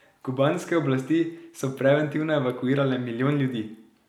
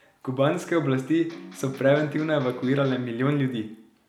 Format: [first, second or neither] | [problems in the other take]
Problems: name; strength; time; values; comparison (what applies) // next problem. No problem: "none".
first | background sound (Electric guitar); 18 dB below the speech